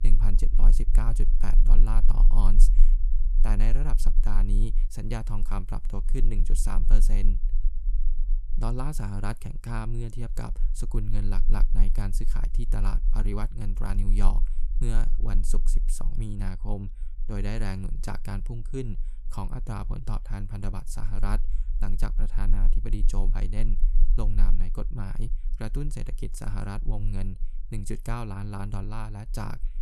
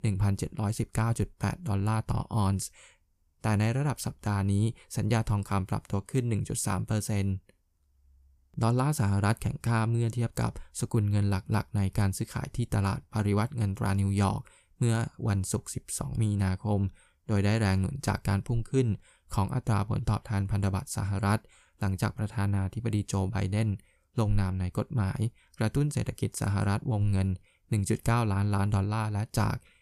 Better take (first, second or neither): second